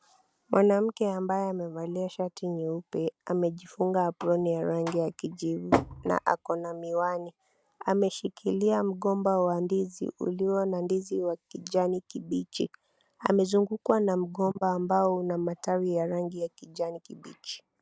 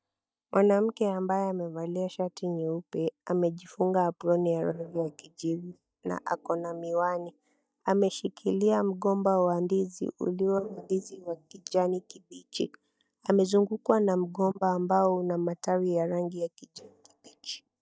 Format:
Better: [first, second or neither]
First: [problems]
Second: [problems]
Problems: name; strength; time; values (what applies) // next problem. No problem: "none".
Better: first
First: none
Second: noise reduction (neural mask model DeepFilterNet 3)